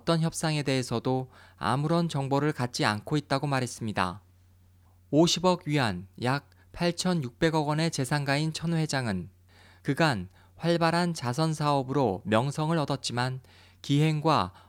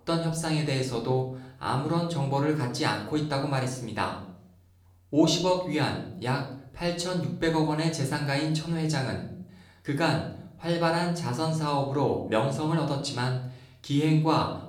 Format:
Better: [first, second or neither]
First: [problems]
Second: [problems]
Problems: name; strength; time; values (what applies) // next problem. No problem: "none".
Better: first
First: none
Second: room echo; slight; dies away in 0.5 s // off-mic speech; somewhat distant